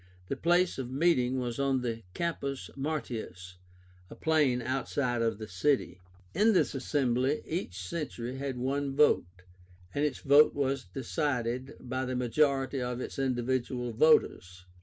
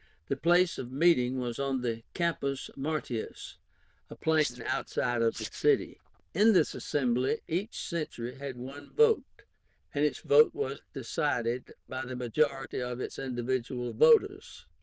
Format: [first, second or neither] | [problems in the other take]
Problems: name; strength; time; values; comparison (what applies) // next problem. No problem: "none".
first | noise reduction (neural diffusion model UNIVERSE++)